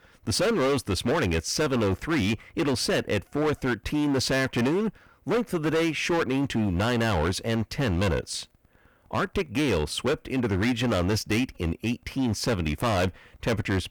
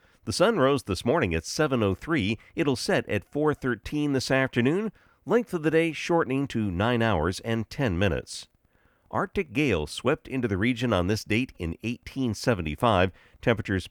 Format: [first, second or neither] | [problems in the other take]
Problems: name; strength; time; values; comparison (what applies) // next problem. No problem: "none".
second | distortion; heavy; 18% of the sound clipped